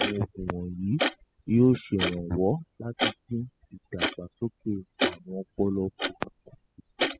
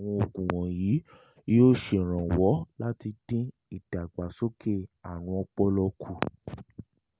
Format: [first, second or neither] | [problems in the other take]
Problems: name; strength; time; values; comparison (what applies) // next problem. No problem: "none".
second | noise reduction (classical method spectral subtraction)